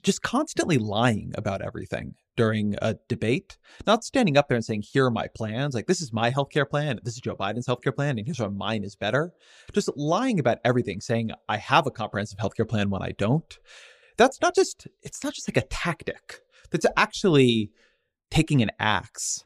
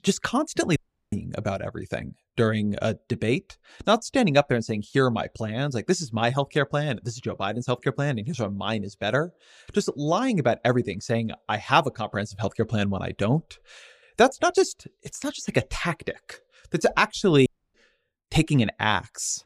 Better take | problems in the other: first | audio cutting out; at 1 s and at 17 s

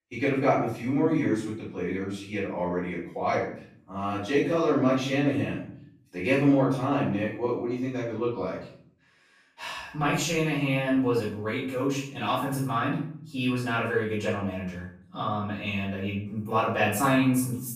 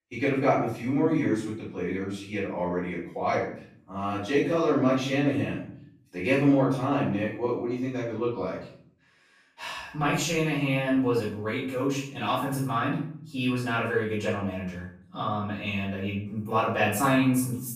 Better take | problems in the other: neither | off-mic speech; far; the same in both // room echo; noticeable; dies away in 0.6 s; the same in both

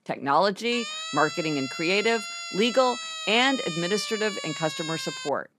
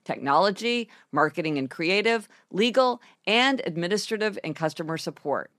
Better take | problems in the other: second | siren; noticeable; from 0.5 s on; peak 6 dB below the speech

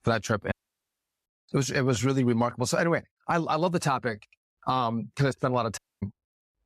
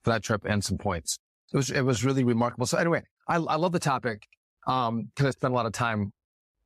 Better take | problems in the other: second | audio cutting out; at 0.5 s for 0.5 s and at 6 s

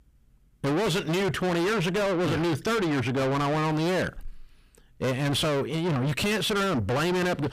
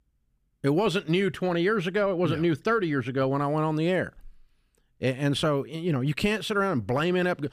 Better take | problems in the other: second | distortion; heavy; 6 dB below the speech

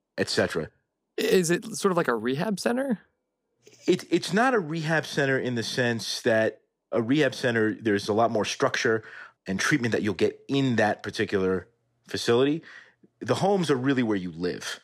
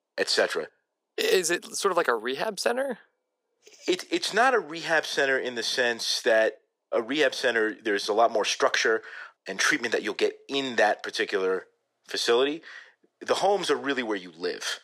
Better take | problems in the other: first | thin; somewhat; fading below 500 Hz

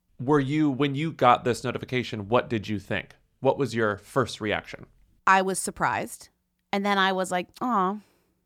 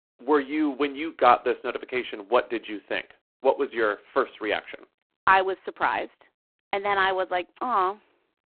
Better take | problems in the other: first | phone-call audio; poor line

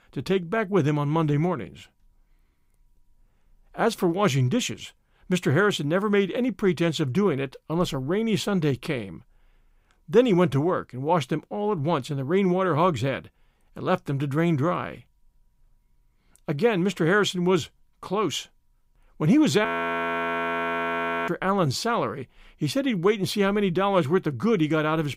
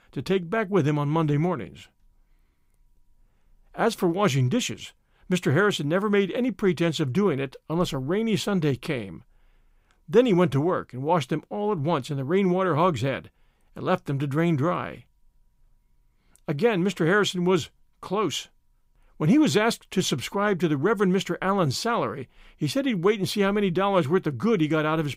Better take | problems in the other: second | audio freezing; at 20 s for 1.5 s

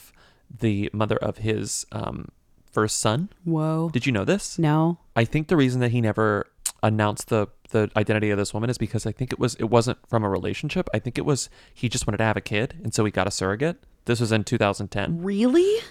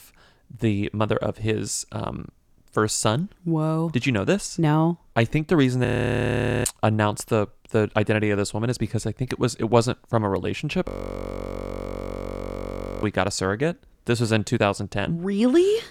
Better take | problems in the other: first | audio freezing; at 6 s for 1 s and at 11 s for 2 s

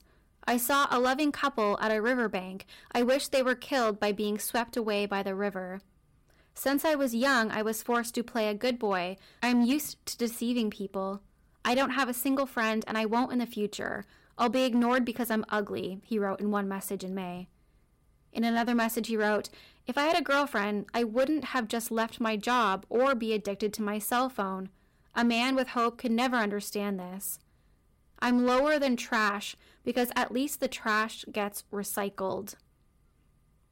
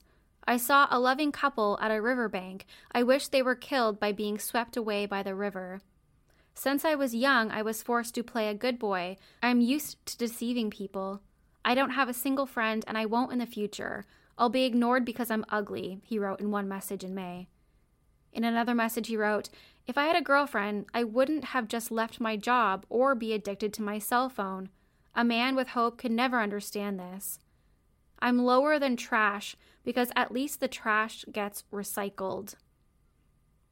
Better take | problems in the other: second | distortion; slight; 4% of the sound clipped

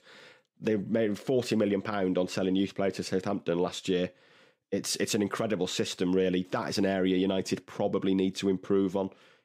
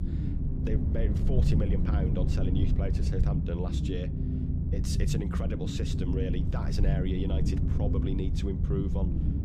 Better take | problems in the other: first | low rumble; loud; throughout; 1 dB below the speech

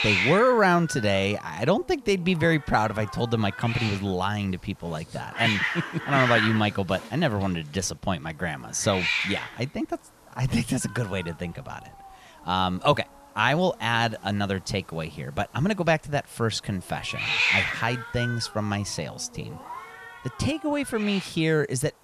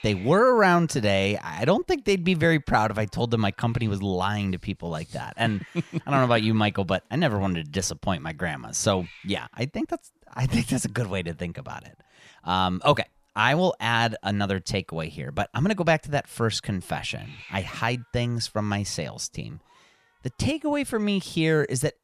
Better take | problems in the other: second | hiss; loud; throughout; 2 dB below the speech; faint in the second

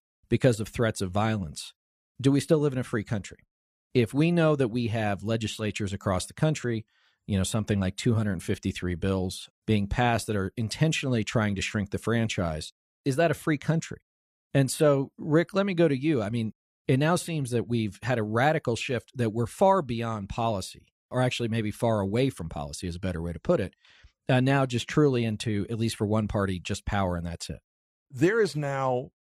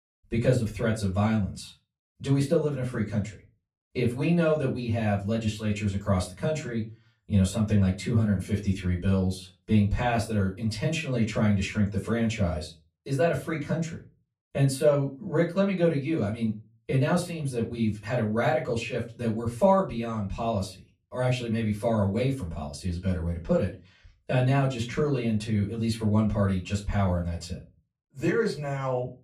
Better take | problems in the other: first | off-mic speech; far // room echo; very slight; dies away in 0.3 s

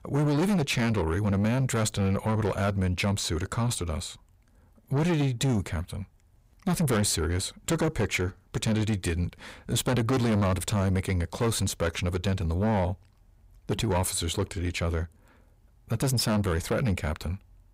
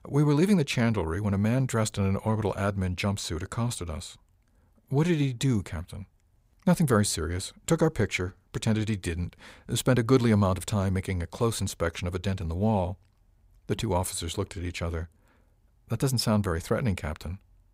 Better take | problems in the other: second | distortion; heavy; 7 dB below the speech

